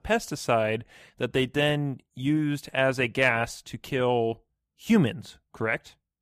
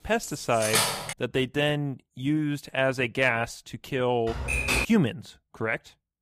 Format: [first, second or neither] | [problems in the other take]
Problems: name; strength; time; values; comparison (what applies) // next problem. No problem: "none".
first | clattering dishes; loud; at the start; peak 4 dB above the speech // keyboard typing; loud; at 4.5 s; peak 3 dB above the speech